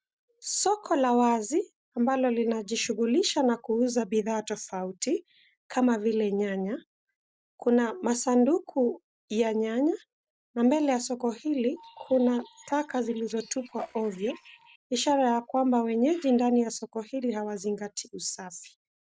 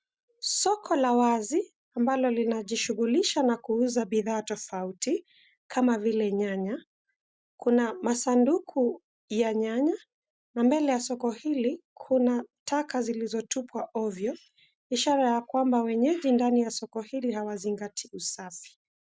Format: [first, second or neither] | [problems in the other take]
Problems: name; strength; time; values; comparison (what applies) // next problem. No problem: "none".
second | noise reduction (neural separator model SepFormer DNS4)